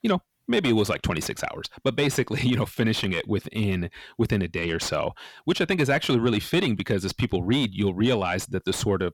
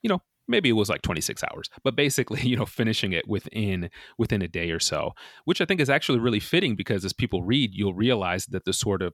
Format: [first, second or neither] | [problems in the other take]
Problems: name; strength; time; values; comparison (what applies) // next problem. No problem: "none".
second | distortion; slight; 10 dB below the speech